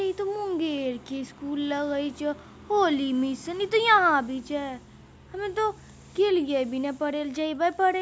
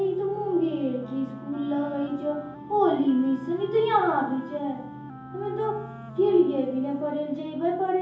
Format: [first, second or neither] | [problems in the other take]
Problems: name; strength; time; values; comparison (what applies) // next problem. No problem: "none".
first | background sound (Wind instrument, woodwind instrument); 18 dB below the speech // room echo; dies away in 0.7 s